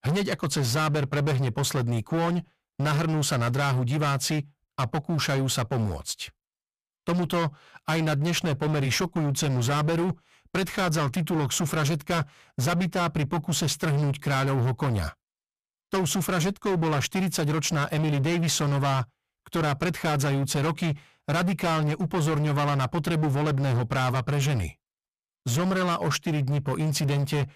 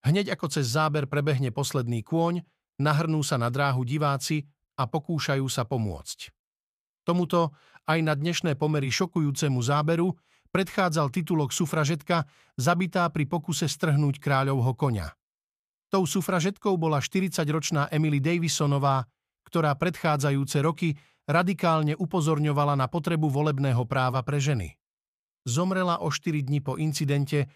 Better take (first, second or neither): second